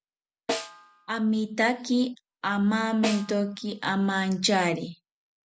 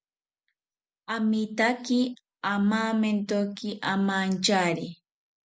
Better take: second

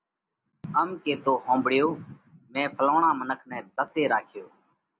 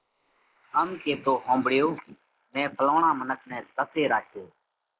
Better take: first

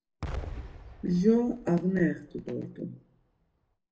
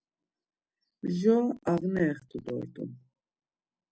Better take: second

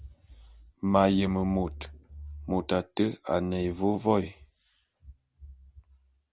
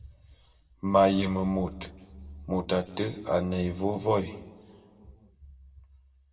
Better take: first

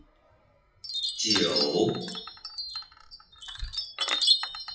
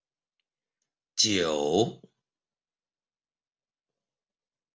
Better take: second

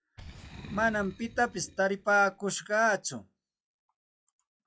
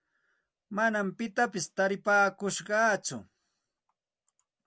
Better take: second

